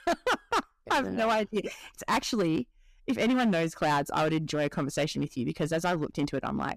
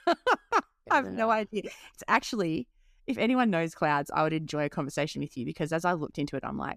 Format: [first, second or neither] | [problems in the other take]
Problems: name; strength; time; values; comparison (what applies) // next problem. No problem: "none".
second | distortion; heavy; 10% of the sound clipped